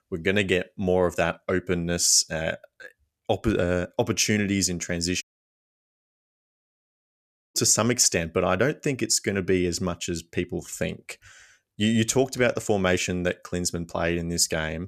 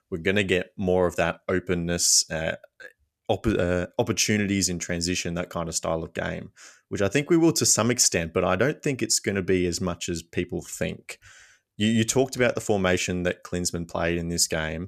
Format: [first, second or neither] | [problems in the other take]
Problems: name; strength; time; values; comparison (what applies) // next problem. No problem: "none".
second | audio cutting out; at 5 s for 2.5 s